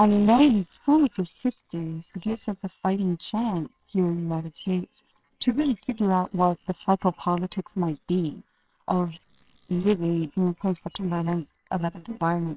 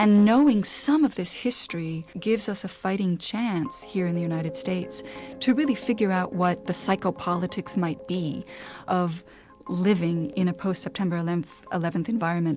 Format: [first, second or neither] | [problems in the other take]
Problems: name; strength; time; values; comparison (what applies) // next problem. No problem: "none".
second | noise reduction (neural separator model SepFormer WHAMR!)